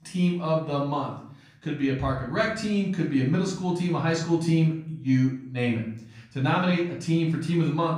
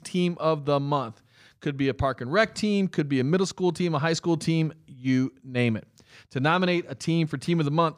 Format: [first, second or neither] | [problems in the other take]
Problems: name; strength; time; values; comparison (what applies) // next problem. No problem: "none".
second | off-mic speech; far // room echo; noticeable; dies away in 0.6 s